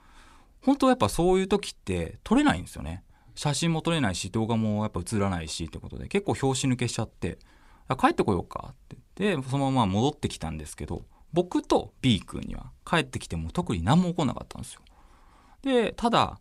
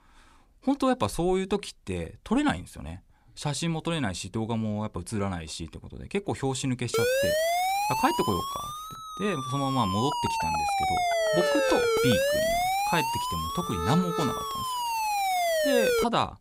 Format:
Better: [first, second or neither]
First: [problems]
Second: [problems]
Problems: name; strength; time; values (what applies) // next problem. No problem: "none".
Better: first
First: none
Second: siren; loud; from 7 s on; peak 6 dB above the speech